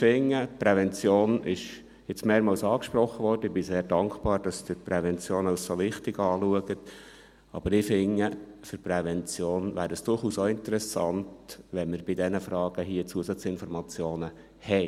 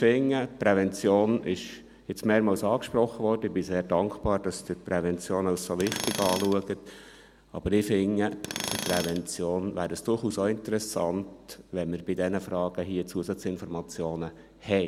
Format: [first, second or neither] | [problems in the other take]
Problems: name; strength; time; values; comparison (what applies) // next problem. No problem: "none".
first | background sound (Tools); 8 dB below the speech